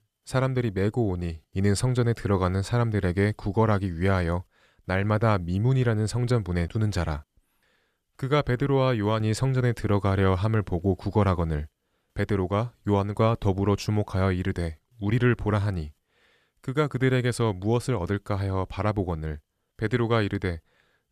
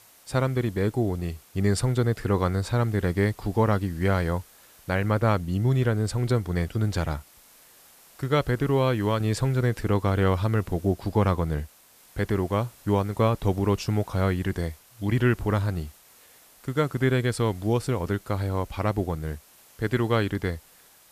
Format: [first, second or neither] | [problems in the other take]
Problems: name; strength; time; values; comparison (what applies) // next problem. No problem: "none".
first | hiss; faint; throughout; 25 dB below the speech